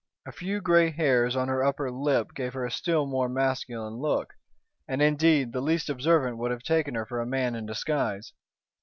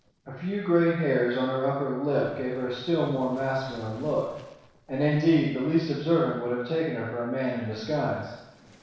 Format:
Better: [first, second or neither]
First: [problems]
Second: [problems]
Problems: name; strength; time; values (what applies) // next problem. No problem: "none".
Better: first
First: none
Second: noise reduction (neural separator model SepFormer DNS4)